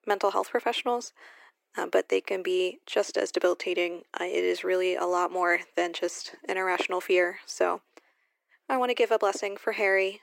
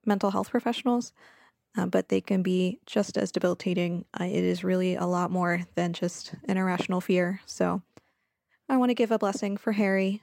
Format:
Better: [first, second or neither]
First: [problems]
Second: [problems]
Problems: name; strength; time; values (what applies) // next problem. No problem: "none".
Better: second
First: thin; very; fading below 350 Hz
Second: none